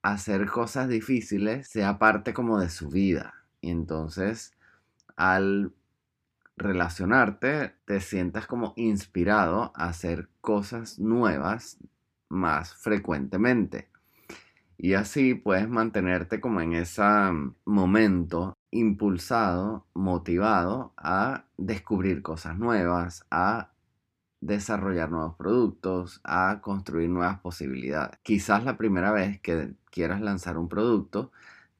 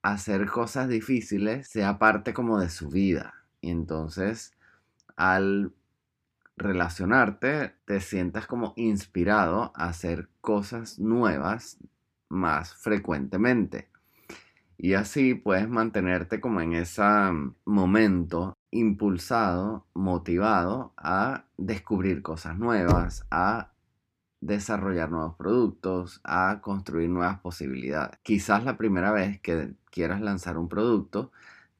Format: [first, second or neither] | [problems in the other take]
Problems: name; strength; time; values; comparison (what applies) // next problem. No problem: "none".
first | door banging; loud; at 23 s; peak level with the speech